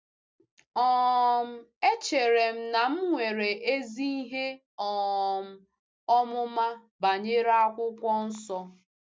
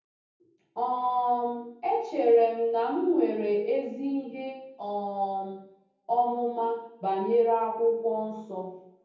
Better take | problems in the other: first | room echo; dies away in 0.9 s

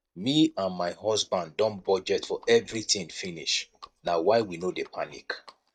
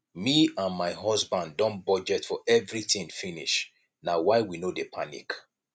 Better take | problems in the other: second | noise reduction (neural mask model DeepFilterNet 3)

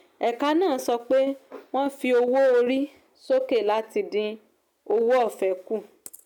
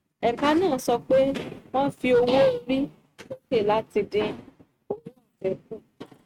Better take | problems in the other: first | noise reduction (neural mask model RNNoise)

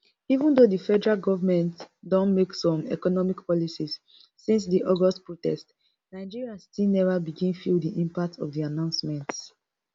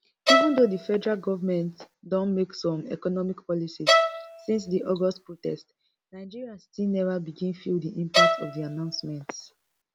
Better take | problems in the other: first | background sound (Bowed string instrument); 2 dB above the speech

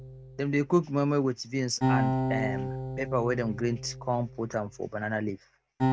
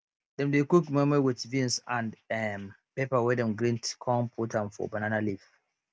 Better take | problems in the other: second | background sound (Acoustic guitar); 3 dB below the speech

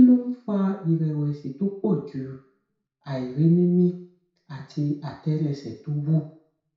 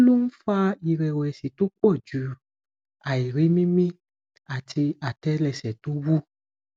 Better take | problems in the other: second | room echo; dies away in 0.6 s

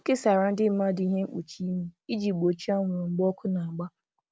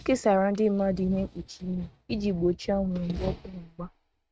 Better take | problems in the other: first | noise reduction (neural mask model RNNoise)

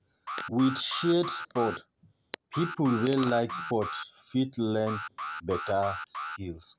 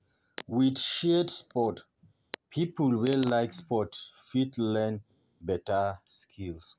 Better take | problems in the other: second | background sound (Alarm); 8 dB below the speech

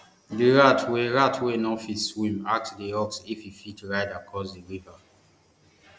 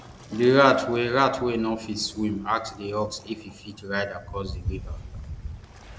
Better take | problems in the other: first | background sound (Waves, surf); 13 dB below the speech

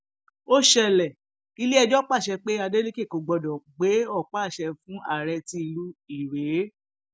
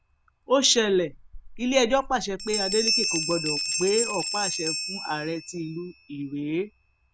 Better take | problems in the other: first | background sound (Bell); 5 dB below the speech

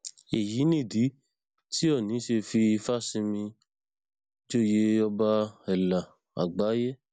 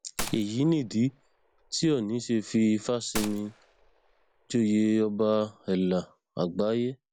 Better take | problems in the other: first | background sound (Gunshot, gunfire); 15 dB below the speech

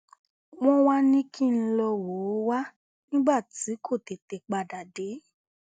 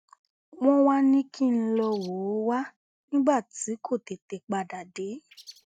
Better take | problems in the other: first | noise reduction (neural mask model RNNoise)

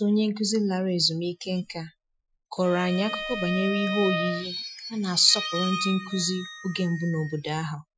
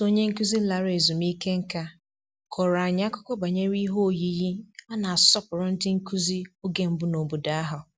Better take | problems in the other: second | noise reduction (classical method Wiener filter)

